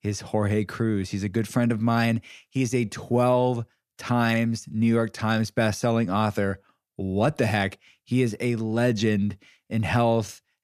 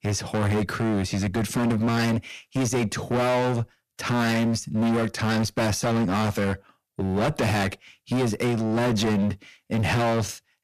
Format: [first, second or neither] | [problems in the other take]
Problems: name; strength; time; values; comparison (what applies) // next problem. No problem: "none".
first | distortion; heavy; 25% of the sound clipped